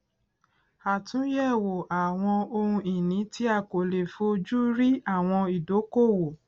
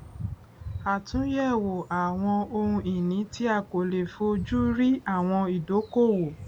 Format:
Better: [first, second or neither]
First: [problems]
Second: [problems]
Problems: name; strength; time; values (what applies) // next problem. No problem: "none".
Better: first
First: none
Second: background sound (Dog); 14 dB below the speech